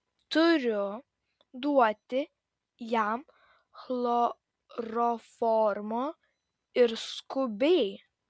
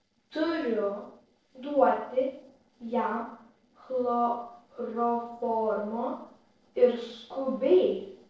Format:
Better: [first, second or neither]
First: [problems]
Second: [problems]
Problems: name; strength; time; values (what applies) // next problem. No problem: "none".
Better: first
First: none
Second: noise reduction (neural separator model SepFormer DNS4)